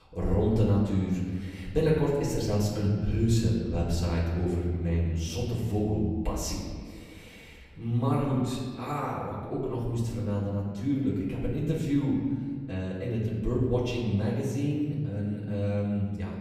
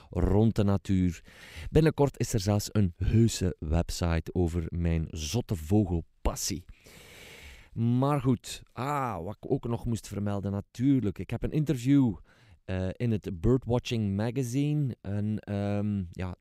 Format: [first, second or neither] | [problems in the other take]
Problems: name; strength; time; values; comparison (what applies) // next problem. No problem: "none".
second | off-mic speech; far // room echo; noticeable; dies away in 1.6 s